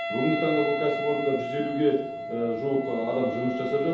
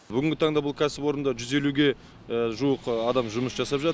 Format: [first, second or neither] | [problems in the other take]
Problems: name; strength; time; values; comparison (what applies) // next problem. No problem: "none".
second | background sound (Wind instrument, woodwind instrument); 5 dB below the speech // room echo; dies away in 0.8 s